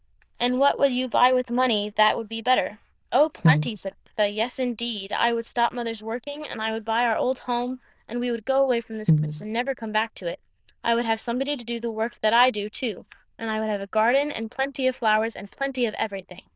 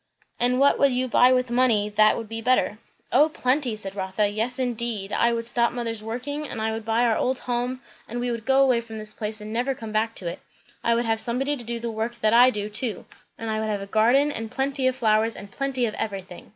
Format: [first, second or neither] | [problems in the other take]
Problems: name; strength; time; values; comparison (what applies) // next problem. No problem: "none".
second | noise reduction (neural diffusion model UNIVERSE++)